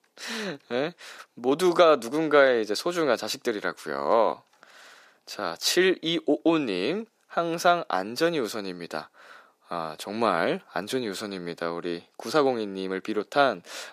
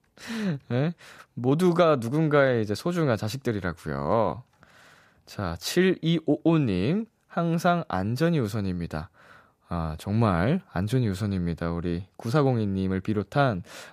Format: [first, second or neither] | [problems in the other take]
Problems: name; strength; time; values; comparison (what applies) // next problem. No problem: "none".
second | thin; somewhat; fading below 300 Hz